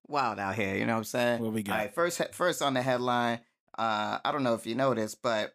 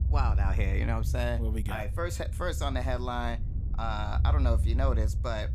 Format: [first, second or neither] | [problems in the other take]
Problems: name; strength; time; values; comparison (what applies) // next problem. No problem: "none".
first | low rumble; noticeable; throughout; 15 dB below the speech